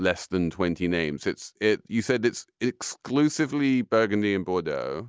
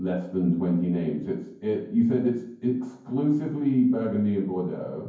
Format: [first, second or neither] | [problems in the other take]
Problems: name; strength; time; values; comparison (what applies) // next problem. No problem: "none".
first | room echo; dies away in 0.9 s